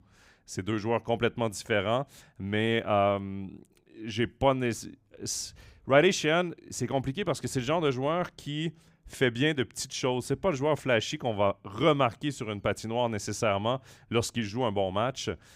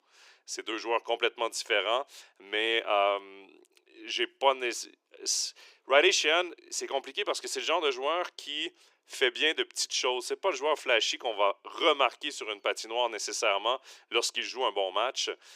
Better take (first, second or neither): first